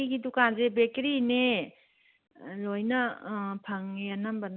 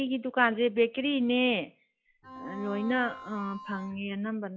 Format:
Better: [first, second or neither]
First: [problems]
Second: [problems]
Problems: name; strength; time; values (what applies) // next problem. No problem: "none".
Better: first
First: none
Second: noise reduction (classical method log-MMSE)